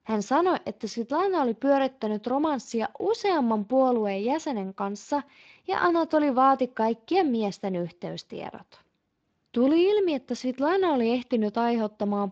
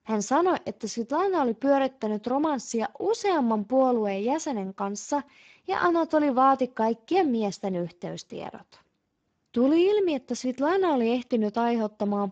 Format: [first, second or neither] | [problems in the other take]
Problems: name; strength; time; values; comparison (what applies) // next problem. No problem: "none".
first | garbled, watery; badly; nothing above 7.5 kHz; slightly in the first